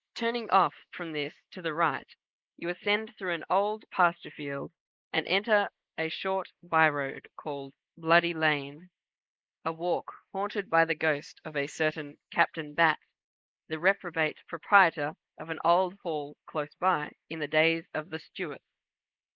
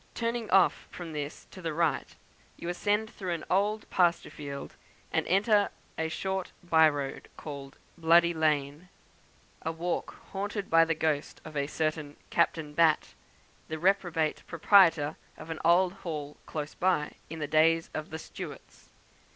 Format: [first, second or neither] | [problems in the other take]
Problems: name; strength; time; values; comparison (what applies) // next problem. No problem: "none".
second | noise reduction (neural mask model Resemble Enhance denoiser)